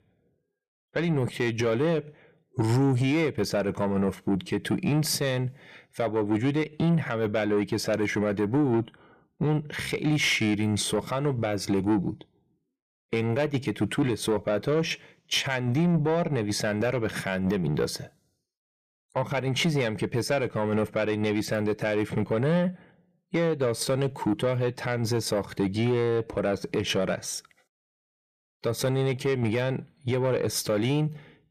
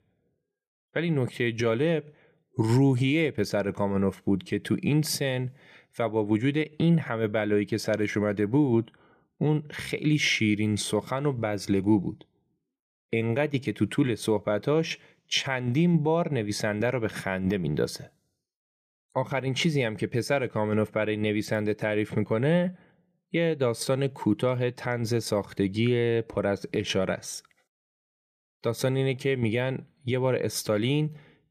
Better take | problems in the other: second | distortion; slight; 10 dB below the speech

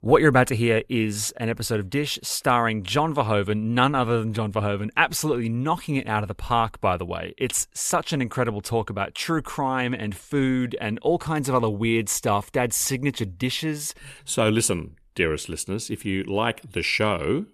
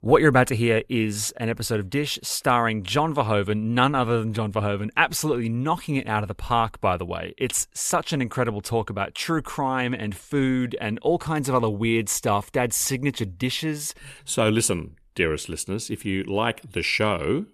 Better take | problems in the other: neither | none

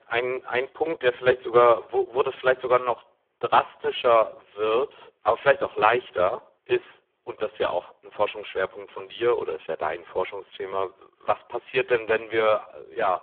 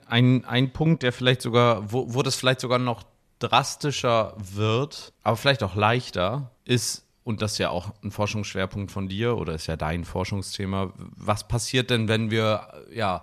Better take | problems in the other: second | phone-call audio; poor line

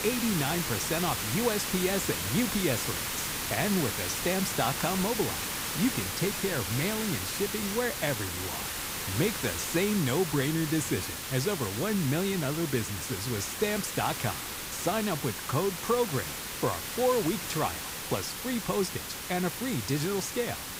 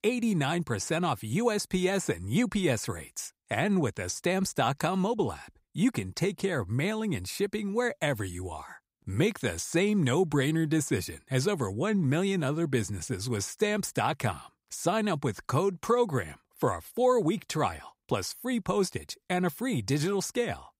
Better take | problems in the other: second | hiss; loud; throughout; 2 dB below the speech

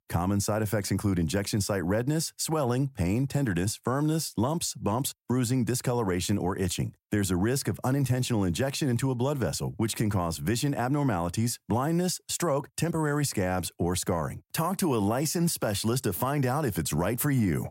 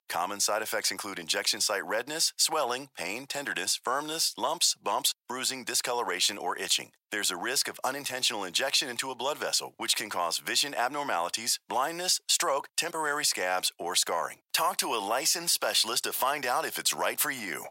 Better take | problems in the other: first | thin; very; fading below 750 Hz

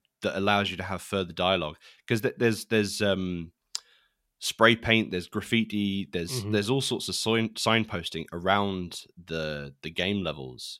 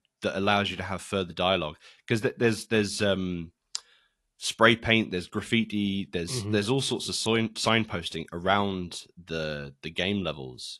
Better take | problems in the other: first | garbled, watery; slightly; nothing above 11.5 kHz

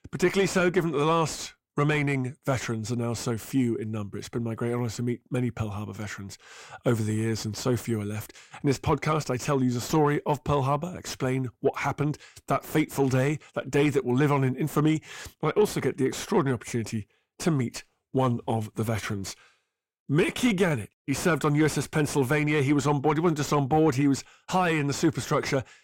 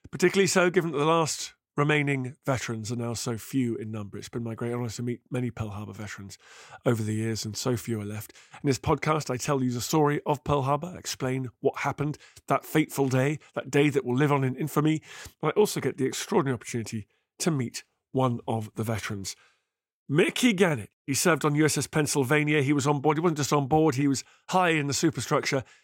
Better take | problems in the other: second | distortion; slight; 10 dB below the speech

